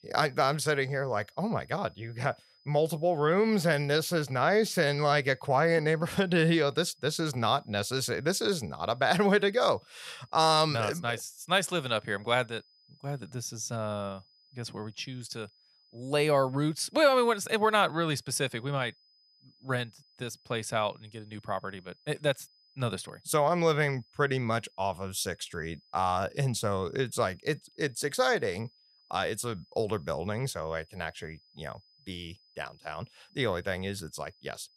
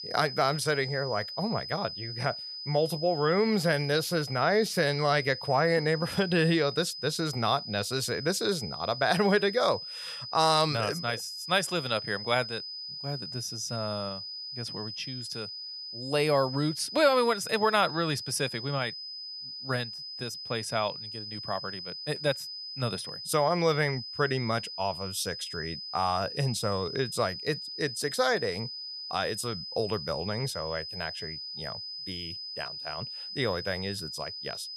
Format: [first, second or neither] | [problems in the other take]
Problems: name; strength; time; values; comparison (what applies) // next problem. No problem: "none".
first | high-pitched whine; loud; throughout; 5 kHz, 8 dB below the speech; faint in the first